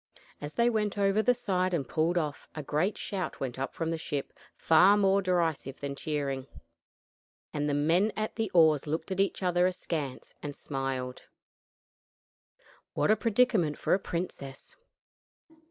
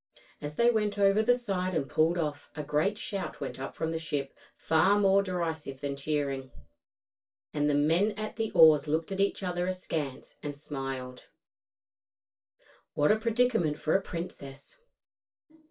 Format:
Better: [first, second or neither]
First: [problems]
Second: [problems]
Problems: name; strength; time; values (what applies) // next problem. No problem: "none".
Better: first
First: none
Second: room echo; dies away in 0.2 s